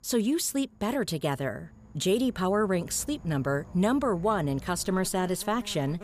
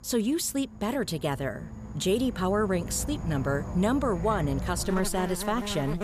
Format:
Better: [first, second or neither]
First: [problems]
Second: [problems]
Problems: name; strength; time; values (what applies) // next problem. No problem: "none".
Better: first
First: animal sounds; faint; throughout; 20 dB below the speech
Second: animal sounds; loud; throughout; 9 dB below the speech